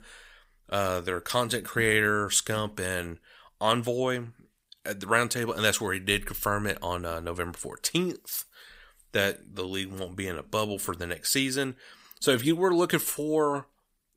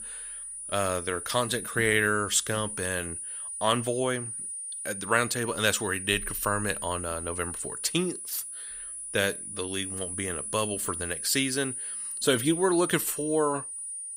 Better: first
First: none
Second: high-pitched whine; loud; throughout; 9.5 kHz, 6 dB below the speech

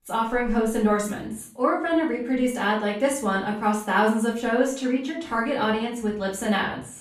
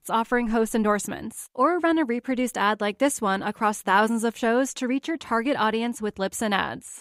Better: second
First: room echo; slight; dies away in 0.4 s // off-mic speech; far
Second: none

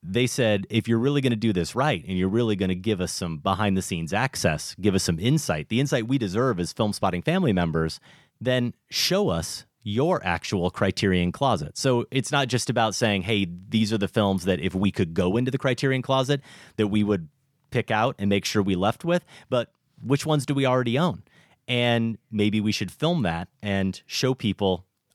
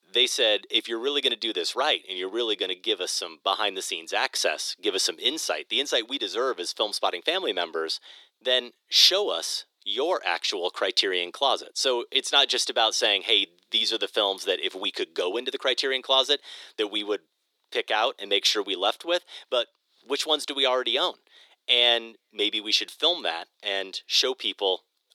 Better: first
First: none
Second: thin; very; fading below 350 Hz

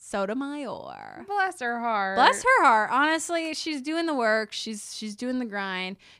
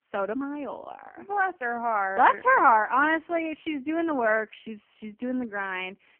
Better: first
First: none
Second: phone-call audio; poor line; nothing above 3 kHz

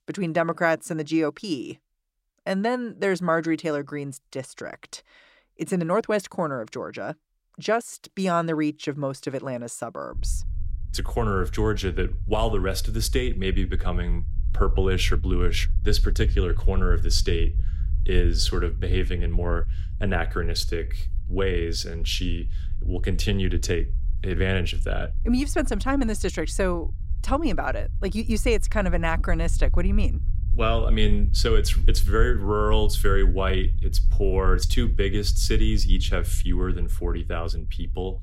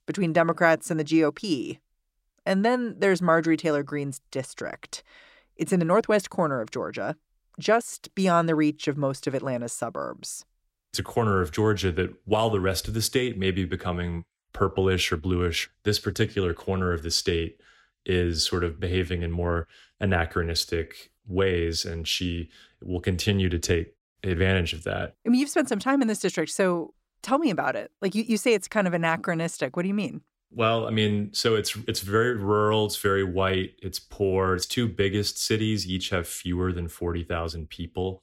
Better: second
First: low rumble; faint; from 10 s on; 20 dB below the speech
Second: none

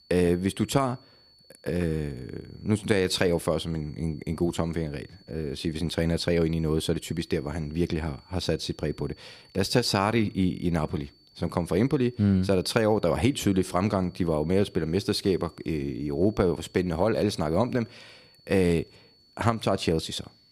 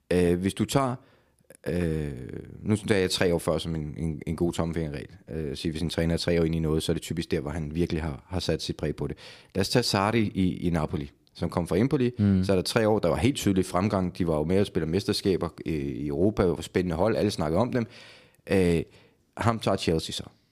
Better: second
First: high-pitched whine; faint; throughout; 4.5 kHz, 30 dB below the speech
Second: none

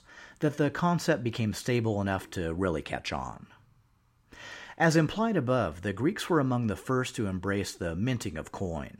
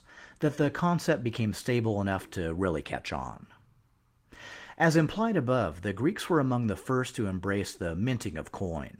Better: first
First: none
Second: garbled, watery; slightly; nothing above 16 kHz

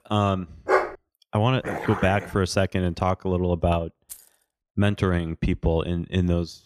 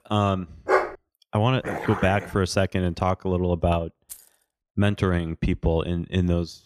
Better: neither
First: dog barking; loud; at 0.5 s; peak 1 dB above the speech // dog barking; noticeable; at 1.5 s; peak 6 dB below the speech // jangling keys; faint; at 4 s; peak 20 dB below the speech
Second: dog barking; loud; at 0.5 s; peak 1 dB above the speech // dog barking; noticeable; at 1.5 s; peak 6 dB below the speech // jangling keys; faint; at 4 s; peak 20 dB below the speech

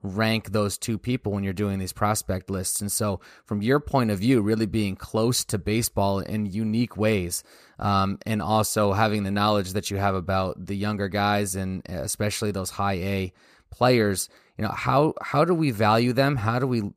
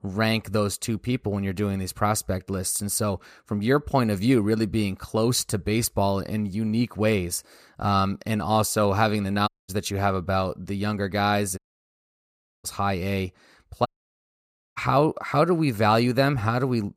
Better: first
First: none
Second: audio cutting out; at 9.5 s, at 12 s for 1 s and at 14 s for 1 s

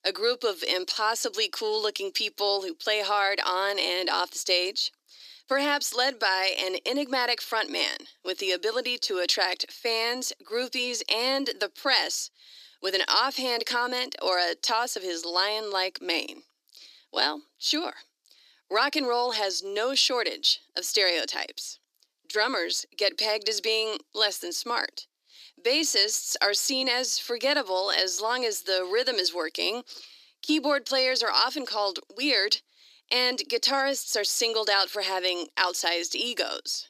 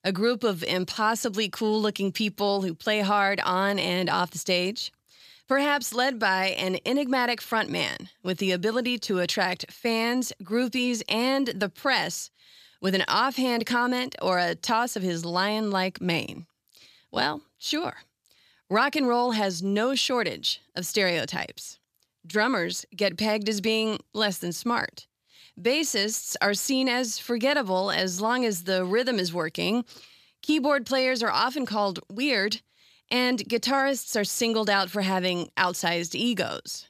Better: second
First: thin; somewhat; fading below 300 Hz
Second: none

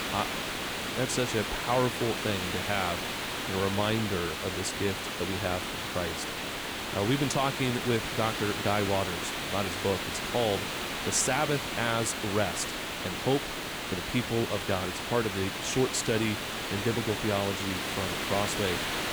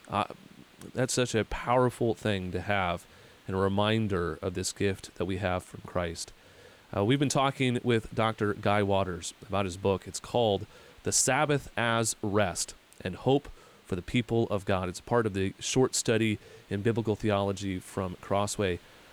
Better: second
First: hiss; loud; throughout; 1 dB below the speech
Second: hiss; faint; throughout; 30 dB below the speech

